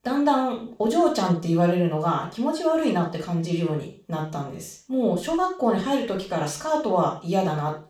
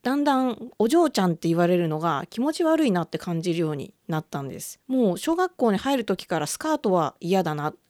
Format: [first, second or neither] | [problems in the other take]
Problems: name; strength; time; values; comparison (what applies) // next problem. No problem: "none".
second | room echo; noticeable; dies away in 0.3 s // off-mic speech; far